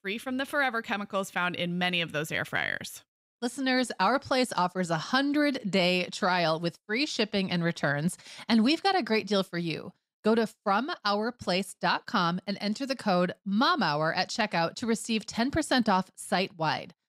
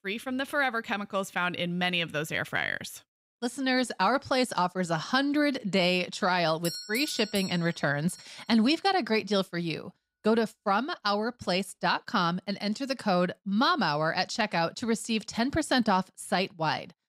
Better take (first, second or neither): first